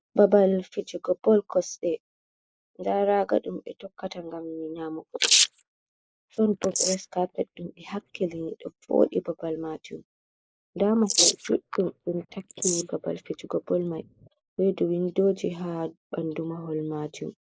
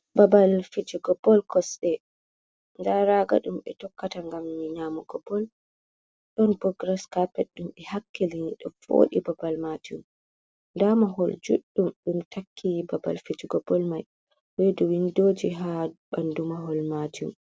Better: second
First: noise reduction (neural mask model Resemble Enhance denoiser)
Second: none

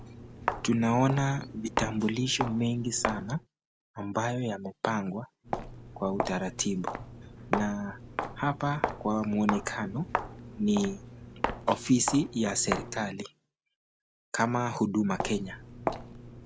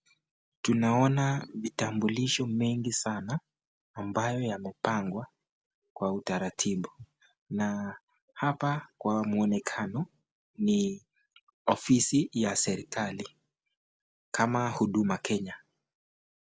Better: second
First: background sound (Walk, footsteps); 7 dB below the speech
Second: none

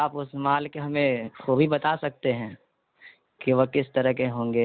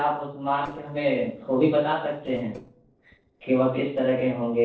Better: first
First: none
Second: noise reduction (neural separator model SepFormer DNS4)

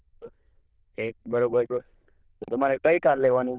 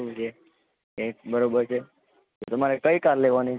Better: second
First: noise reduction (neural diffusion model UNIVERSE++)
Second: none

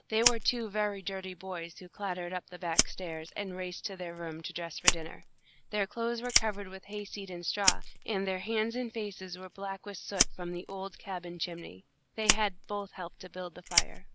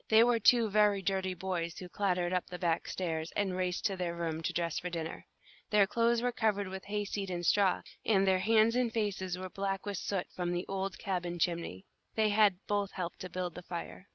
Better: second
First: background sound (Fire); as loud as the speech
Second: none

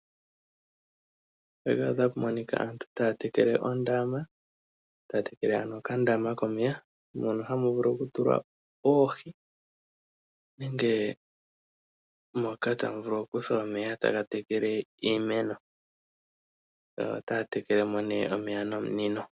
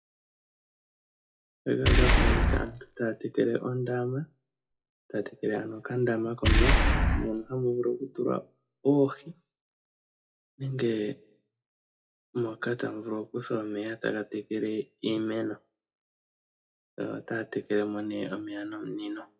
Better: first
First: none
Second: noise reduction (classical method WPE with log-MMSE)

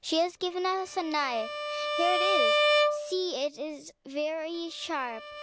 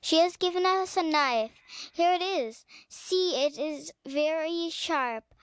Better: second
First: background sound (Bowed string instrument); 1 dB above the speech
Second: none

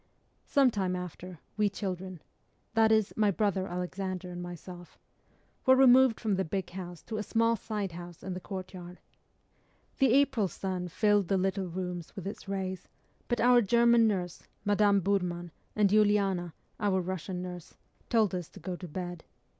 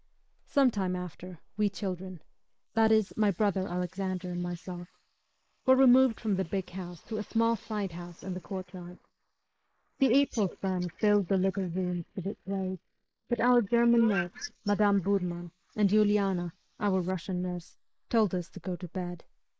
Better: first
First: none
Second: noise reduction (neural mask model Resemble Enhance denoiser)

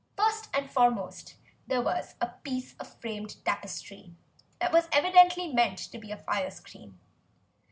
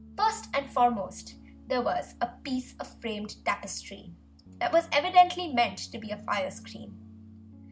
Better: first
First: none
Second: background sound (Piano); 20 dB below the speech

